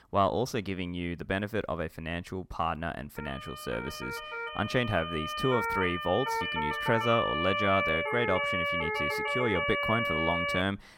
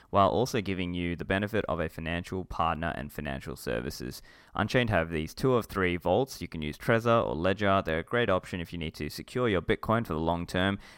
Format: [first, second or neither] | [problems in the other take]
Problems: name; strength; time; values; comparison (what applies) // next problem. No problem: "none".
second | siren; loud; from 3 s on; peak 4 dB above the speech